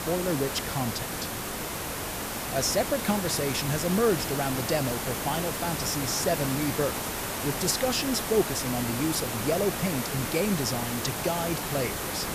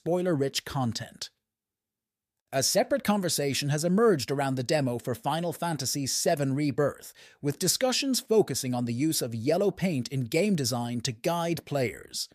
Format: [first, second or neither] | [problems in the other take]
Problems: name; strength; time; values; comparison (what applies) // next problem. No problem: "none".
second | hiss; loud; throughout; 2 dB below the speech